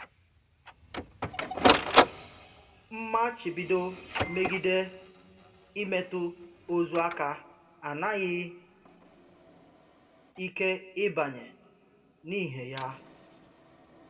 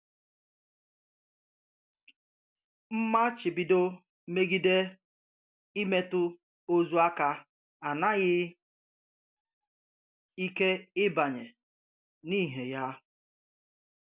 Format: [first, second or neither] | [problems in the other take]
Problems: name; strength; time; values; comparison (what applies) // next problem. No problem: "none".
second | background sound (Printer); as loud as the speech // room echo; dies away in 1.7 s